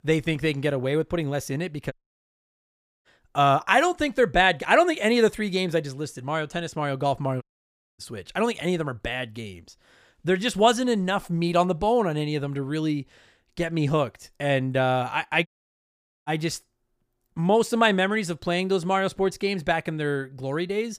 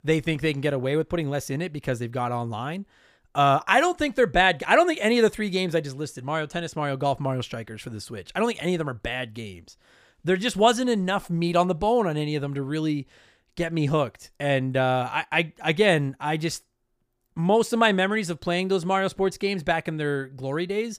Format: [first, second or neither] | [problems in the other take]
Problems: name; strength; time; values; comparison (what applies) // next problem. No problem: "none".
second | audio cutting out; at 2 s for 1 s, at 7.5 s for 0.5 s and at 15 s for 1 s